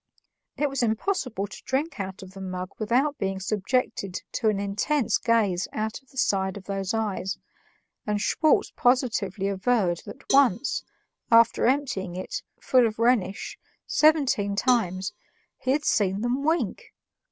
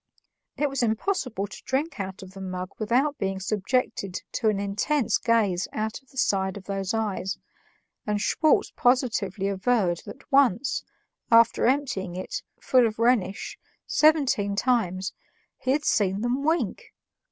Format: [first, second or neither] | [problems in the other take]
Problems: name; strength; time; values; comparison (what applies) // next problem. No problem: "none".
second | background sound (Cowbell); 15 dB below the speech